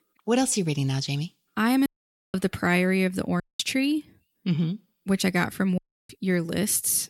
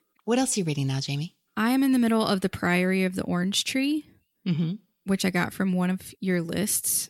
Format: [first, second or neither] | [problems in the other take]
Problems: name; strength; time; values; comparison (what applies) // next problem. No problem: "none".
second | audio cutting out; at 2 s, at 3.5 s and at 6 s